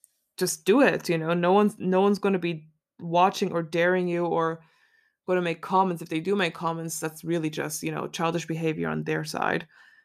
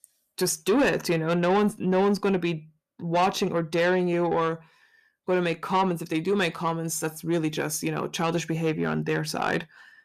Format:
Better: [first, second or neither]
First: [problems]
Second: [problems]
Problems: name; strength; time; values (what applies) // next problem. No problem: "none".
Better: first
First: none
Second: distortion; slight; 10 dB below the speech